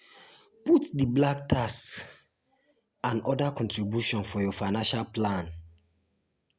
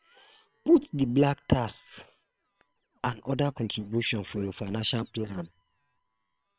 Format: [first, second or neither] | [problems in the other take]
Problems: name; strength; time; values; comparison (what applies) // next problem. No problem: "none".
first | noise reduction (neural separator model SepFormer WHAM!)